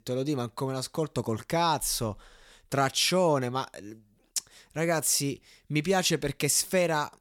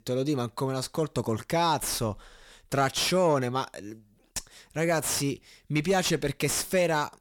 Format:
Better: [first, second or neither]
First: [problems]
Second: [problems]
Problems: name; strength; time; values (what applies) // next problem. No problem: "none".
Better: first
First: none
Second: distortion; slight; 10 dB below the speech